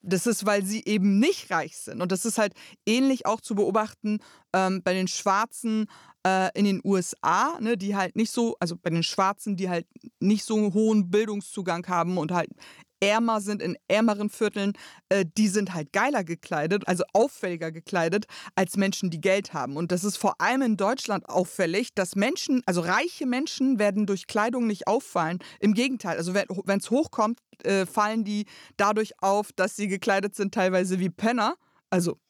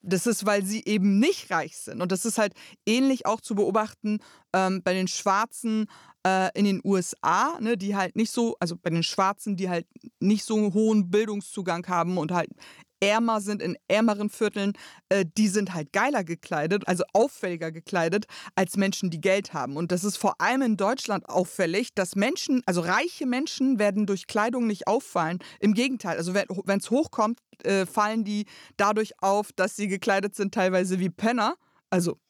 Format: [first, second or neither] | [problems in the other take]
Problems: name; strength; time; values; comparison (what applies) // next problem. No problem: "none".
neither | none